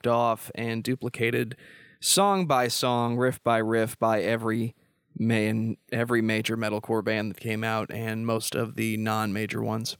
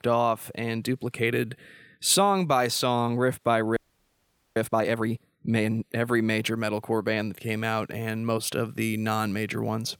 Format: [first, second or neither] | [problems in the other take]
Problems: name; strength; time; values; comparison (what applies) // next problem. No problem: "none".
first | audio freezing; at 4 s for 1 s